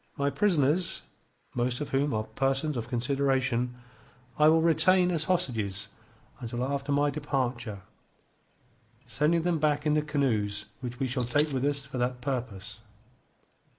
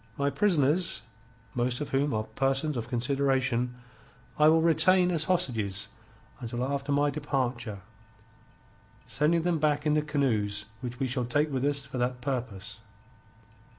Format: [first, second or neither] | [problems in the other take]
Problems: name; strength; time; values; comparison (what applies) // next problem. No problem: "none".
second | noise reduction (neural mask model Resemble Enhance denoiser)